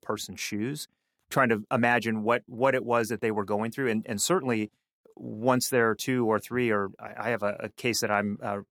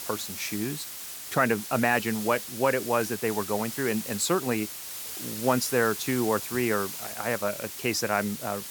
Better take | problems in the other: first | hiss; loud; throughout; 7 dB below the speech

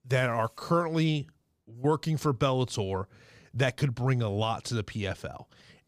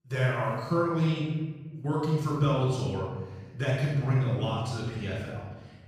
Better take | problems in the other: first | room echo; strong; dies away in 1.2 s // off-mic speech; far

